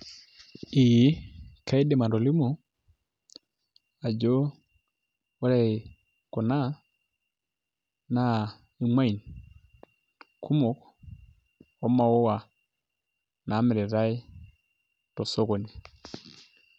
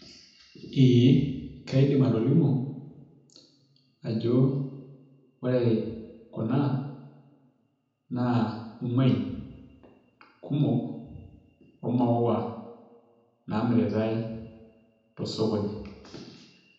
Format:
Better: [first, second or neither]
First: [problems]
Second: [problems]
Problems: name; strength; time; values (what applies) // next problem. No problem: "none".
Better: first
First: none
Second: room echo; dies away in 0.9 s